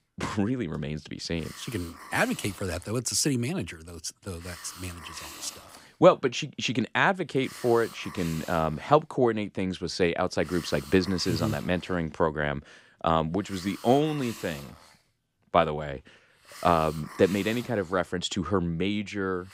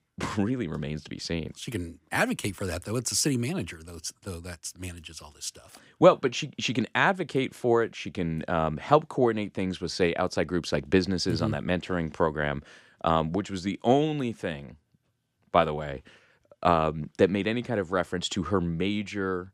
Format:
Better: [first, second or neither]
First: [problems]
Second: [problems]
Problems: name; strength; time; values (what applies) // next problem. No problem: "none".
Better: second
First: hiss; noticeable; throughout; 15 dB below the speech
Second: none